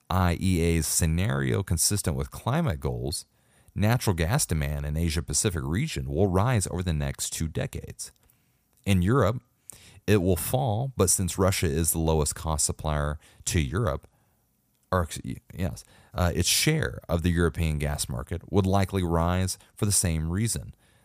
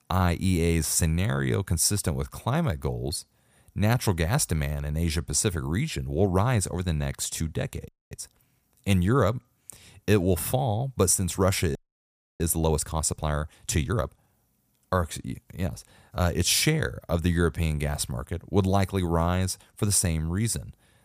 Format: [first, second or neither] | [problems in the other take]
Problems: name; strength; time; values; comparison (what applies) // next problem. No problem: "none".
first | audio freezing; at 8 s and at 12 s for 0.5 s